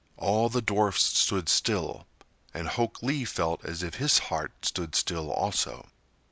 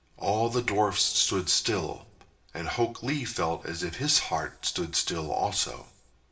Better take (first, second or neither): first